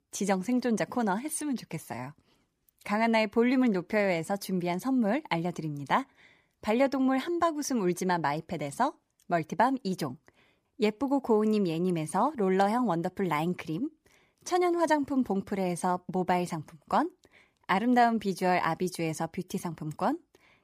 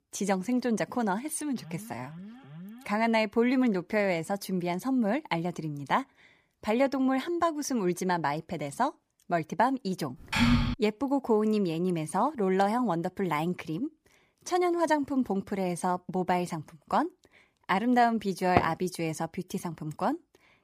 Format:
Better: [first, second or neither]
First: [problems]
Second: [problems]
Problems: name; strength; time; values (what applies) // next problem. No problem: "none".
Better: first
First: none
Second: alarm; faint; from 1.5 to 3 s; peak 15 dB below the speech // keyboard typing; loud; at 10 s; peak 5 dB above the speech // door banging; noticeable; at 19 s; peak 1 dB below the speech